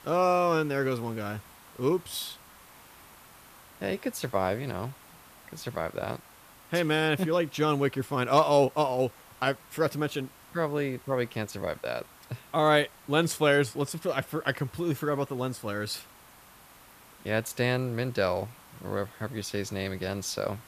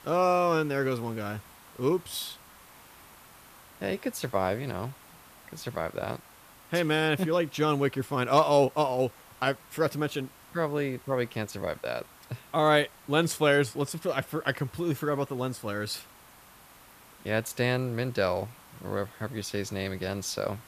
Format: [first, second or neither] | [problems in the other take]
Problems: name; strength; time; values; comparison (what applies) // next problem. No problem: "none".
neither | hiss; faint; throughout; 25 dB below the speech; the same in both